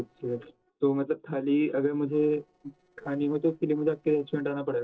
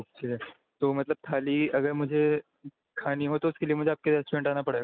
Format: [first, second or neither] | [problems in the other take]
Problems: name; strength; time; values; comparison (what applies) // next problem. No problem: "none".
second | noise reduction (neural separator model SepFormer DNS4)